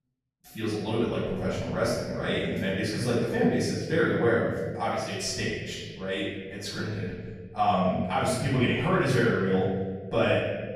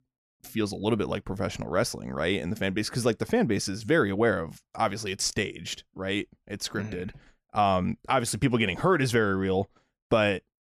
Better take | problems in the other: second | off-mic speech; far // room echo; noticeable; dies away in 1.6 s

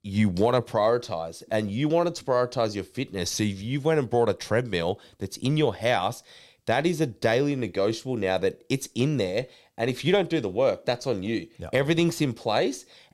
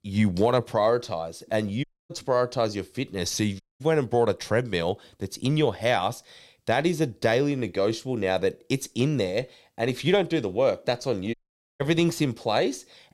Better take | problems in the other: first | audio cutting out; at 2 s, at 3.5 s and at 11 s

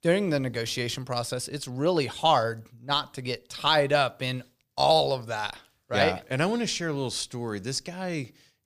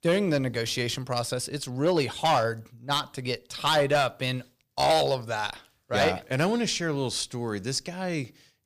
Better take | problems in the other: first | distortion; slight; 3% of the sound clipped

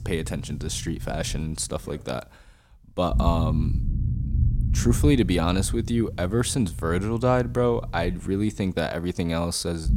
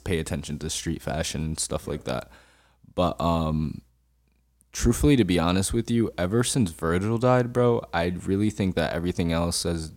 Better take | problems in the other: second | low rumble; noticeable; throughout; 15 dB below the speech

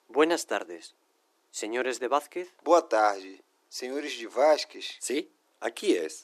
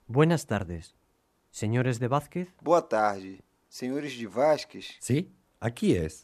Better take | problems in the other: second | thin; very; fading below 300 Hz

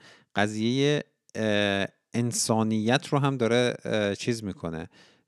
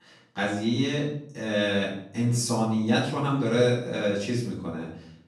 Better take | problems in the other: first | off-mic speech; far // room echo; noticeable; dies away in 0.6 s

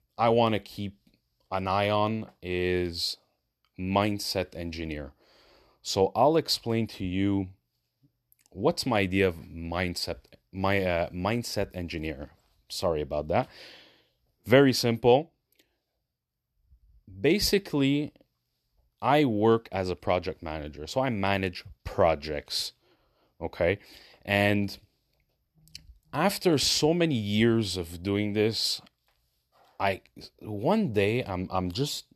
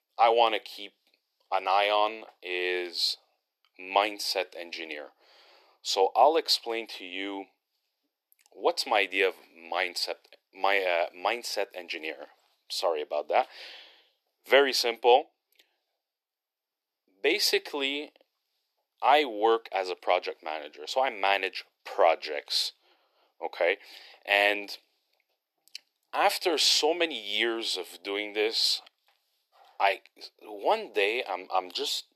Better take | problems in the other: first | thin; very; fading below 350 Hz

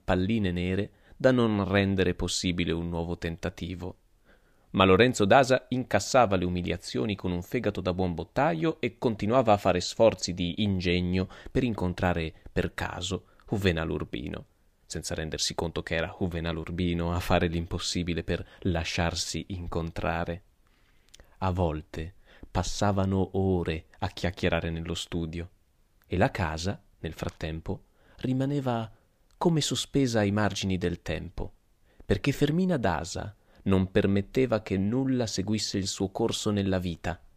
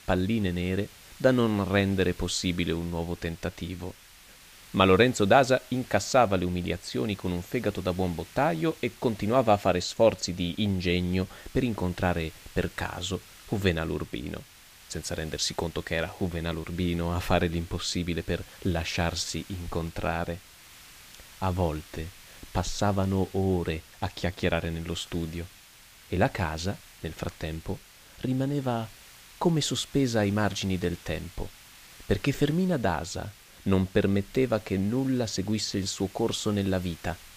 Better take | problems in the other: first | hiss; faint; throughout; 20 dB below the speech

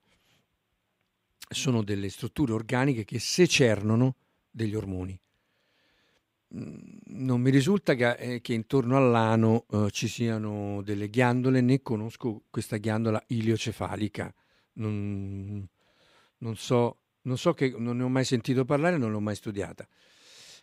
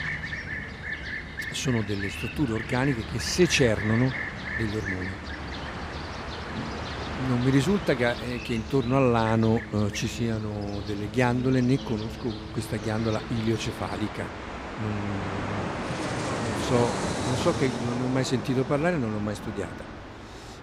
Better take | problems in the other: first | train or aircraft noise; loud; throughout; 6 dB below the speech

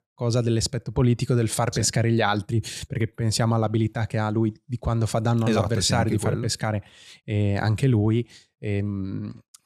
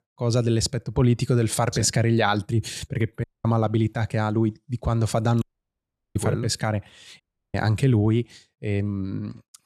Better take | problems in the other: first | audio cutting out; at 3 s, at 5.5 s for 0.5 s and at 7 s

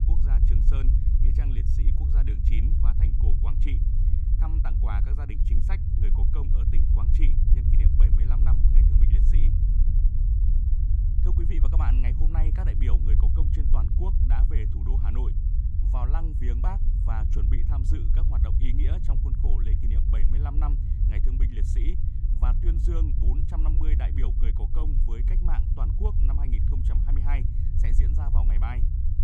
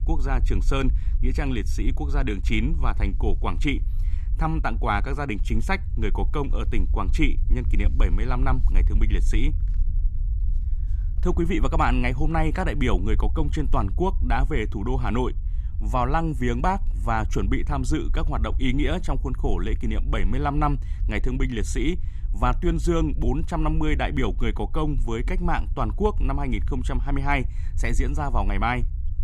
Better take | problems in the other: second | low rumble; loud; throughout; 1 dB below the speech; faint in the second

